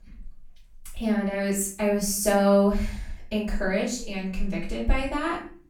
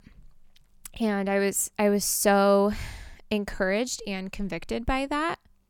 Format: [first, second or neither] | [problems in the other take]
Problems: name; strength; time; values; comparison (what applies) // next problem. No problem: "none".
second | room echo; slight; dies away in 0.4 s // off-mic speech; far